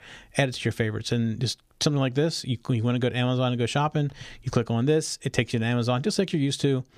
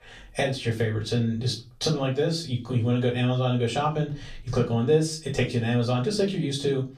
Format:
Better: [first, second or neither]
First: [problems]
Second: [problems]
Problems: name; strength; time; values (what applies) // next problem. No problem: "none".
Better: first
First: none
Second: off-mic speech; far // room echo; very slight; dies away in 0.3 s